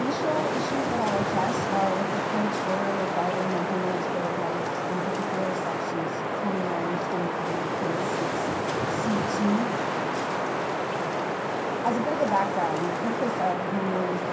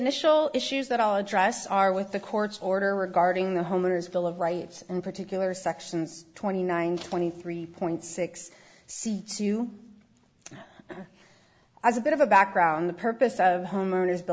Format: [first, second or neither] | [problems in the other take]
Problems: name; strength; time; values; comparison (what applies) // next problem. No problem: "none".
second | background sound (Wind); 3 dB above the speech // room echo; dies away in 0.3 s